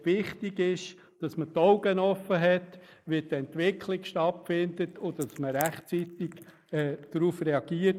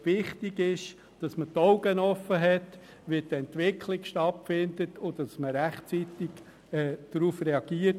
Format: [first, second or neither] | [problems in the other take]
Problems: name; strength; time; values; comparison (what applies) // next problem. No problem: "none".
second | noise reduction (neural mask model Resemble Enhance denoiser)